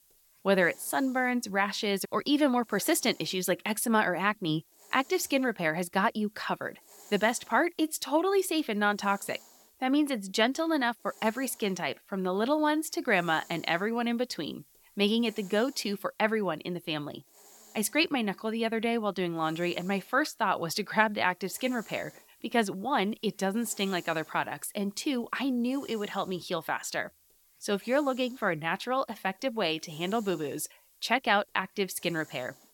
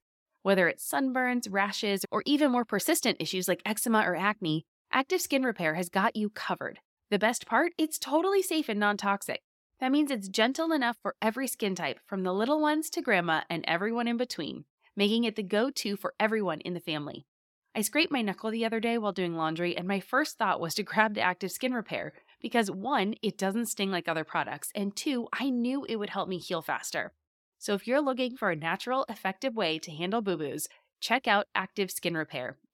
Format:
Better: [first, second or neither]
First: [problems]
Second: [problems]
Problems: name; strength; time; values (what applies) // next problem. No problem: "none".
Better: second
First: hiss; faint; throughout; 25 dB below the speech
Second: none